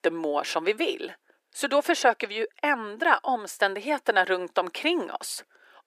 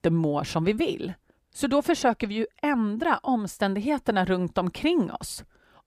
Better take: second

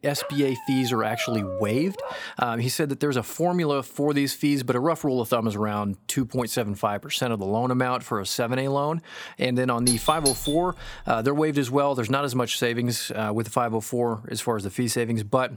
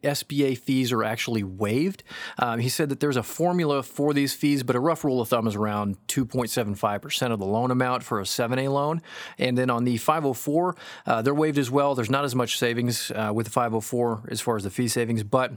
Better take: second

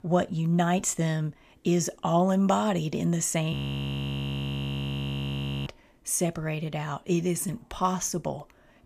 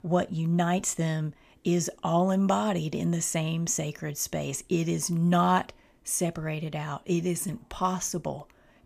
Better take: second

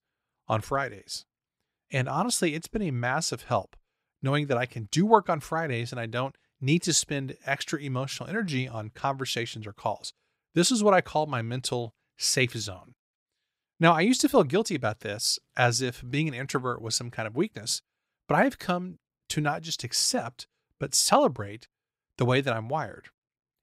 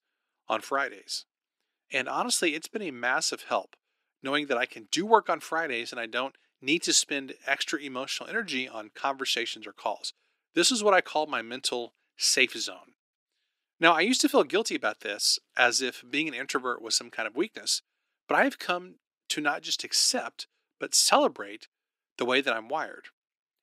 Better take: first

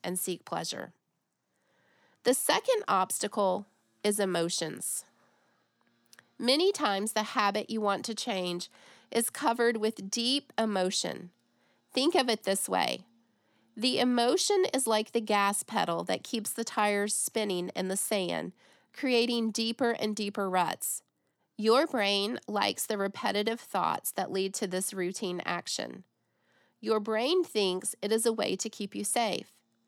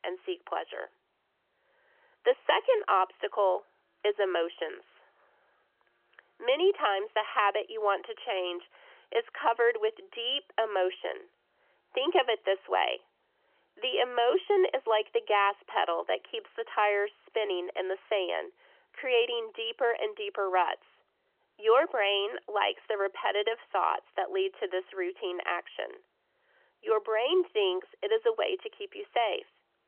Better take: first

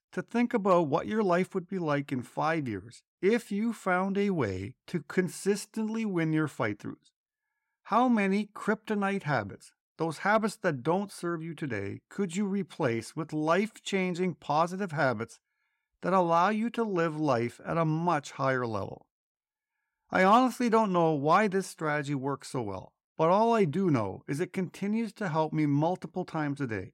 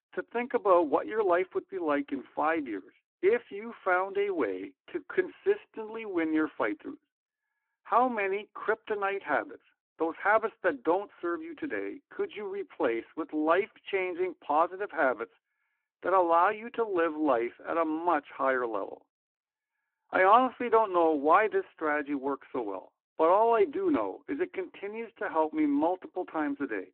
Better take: first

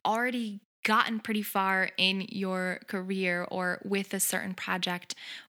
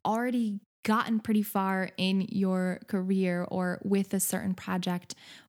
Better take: second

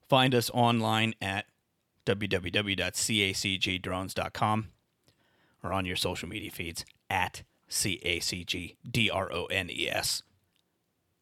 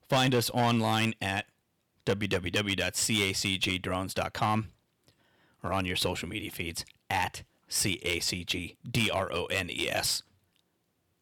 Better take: first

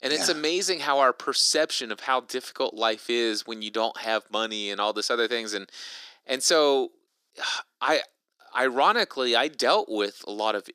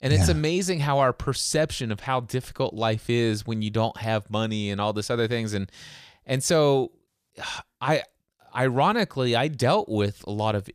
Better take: second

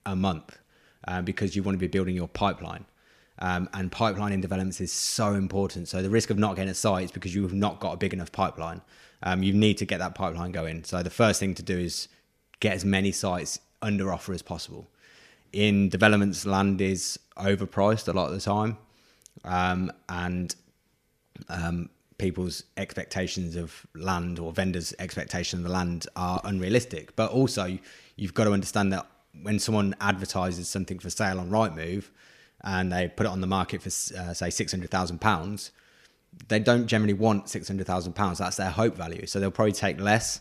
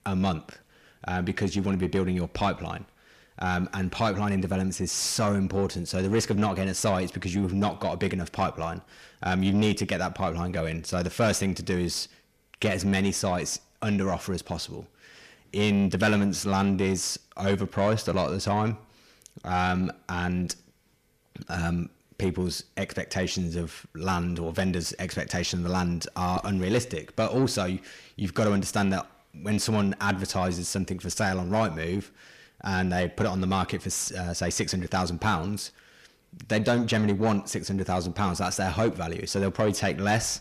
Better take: first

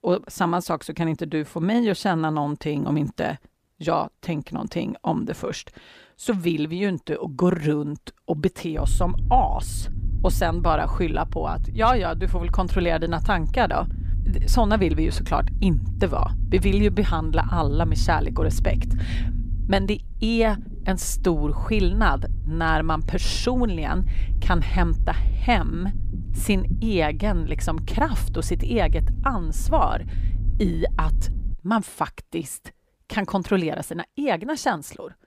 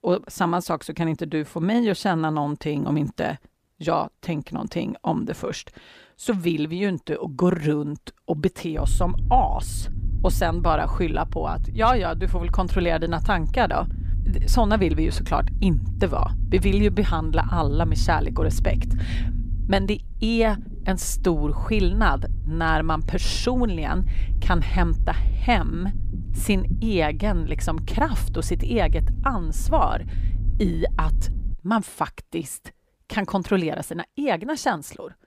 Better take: neither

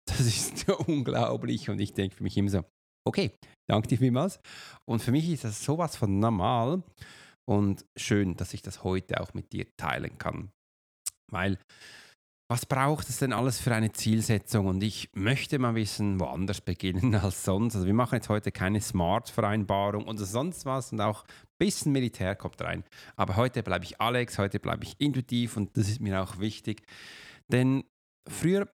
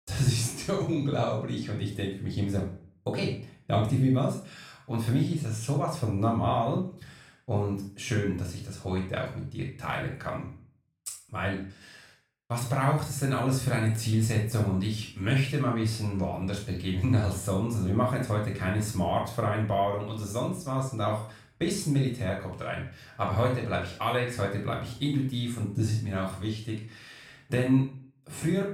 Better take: first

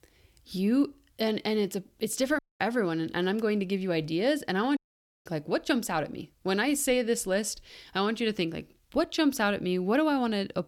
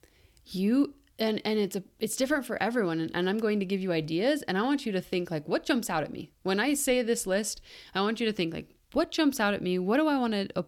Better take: second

